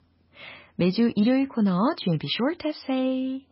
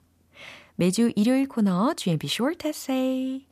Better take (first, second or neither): second